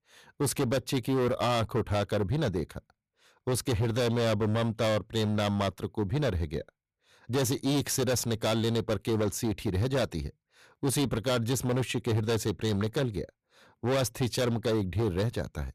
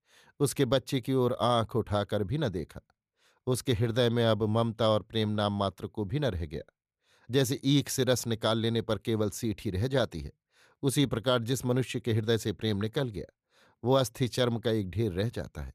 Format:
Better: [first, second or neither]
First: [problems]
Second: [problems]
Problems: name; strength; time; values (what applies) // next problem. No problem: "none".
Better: second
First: distortion; heavy; 18% of the sound clipped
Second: none